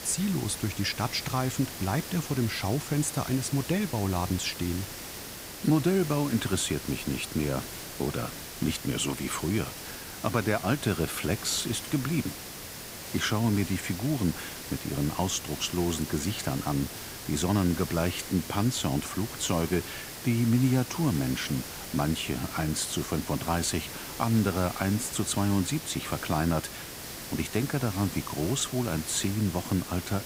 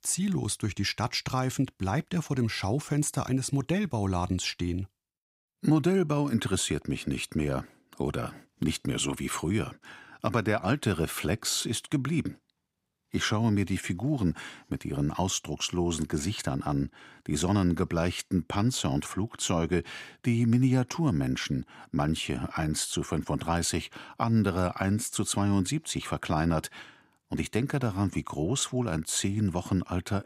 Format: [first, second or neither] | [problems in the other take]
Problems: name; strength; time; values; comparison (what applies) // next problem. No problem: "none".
second | hiss; loud; throughout; 9 dB below the speech